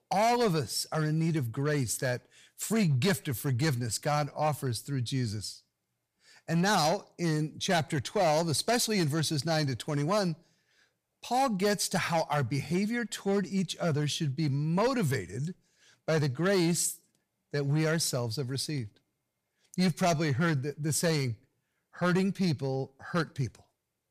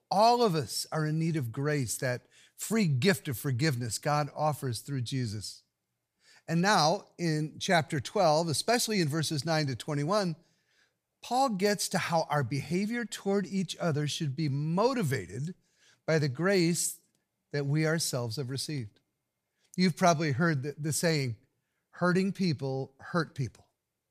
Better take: second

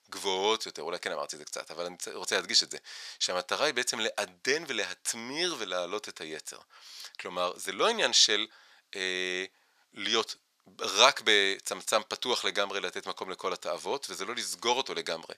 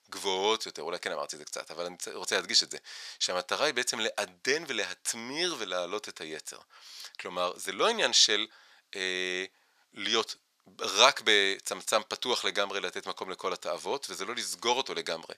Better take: neither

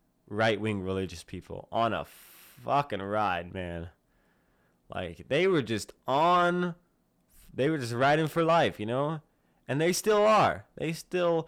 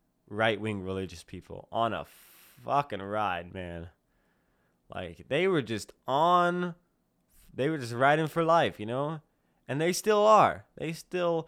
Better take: second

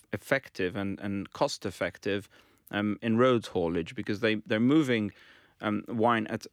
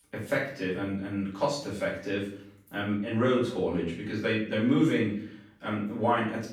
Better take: first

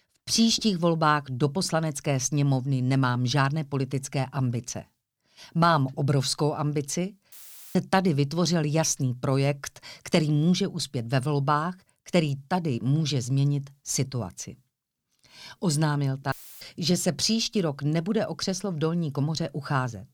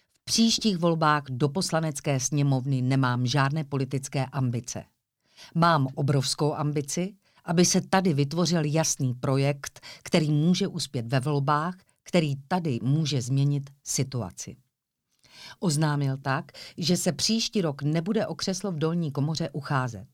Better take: second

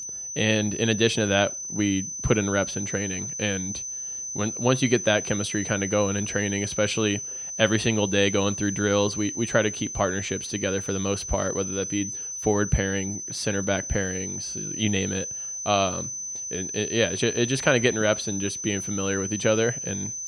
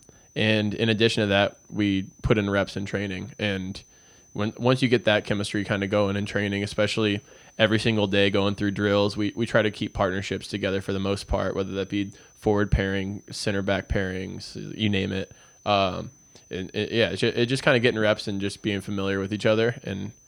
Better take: second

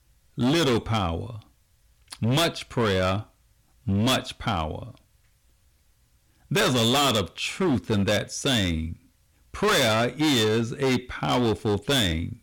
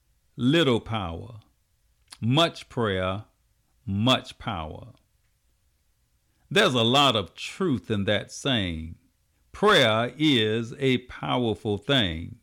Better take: second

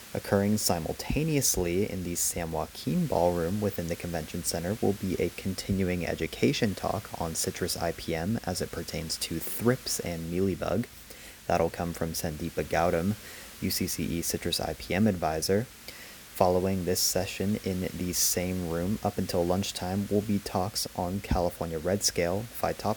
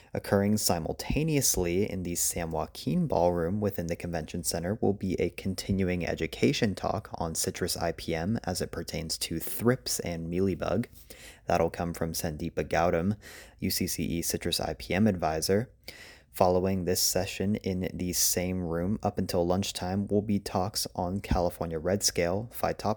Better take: second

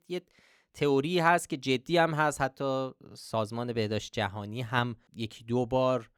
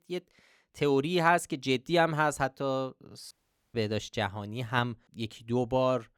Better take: first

